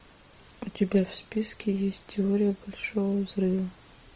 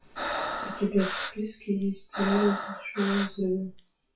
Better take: first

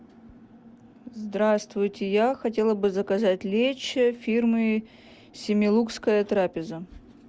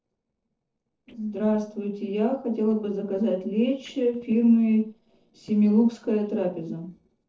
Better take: first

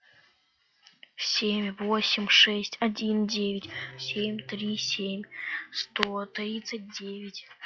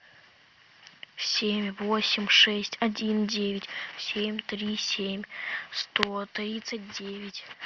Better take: second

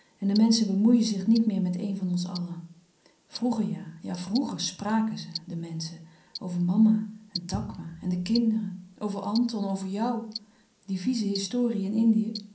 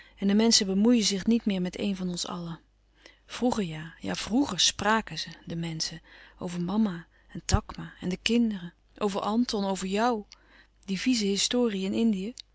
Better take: second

